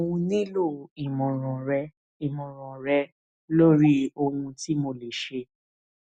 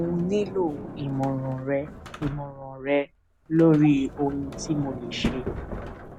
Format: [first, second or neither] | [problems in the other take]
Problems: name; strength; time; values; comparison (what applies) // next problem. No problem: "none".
first | background sound (Sliding door); 10 dB below the speech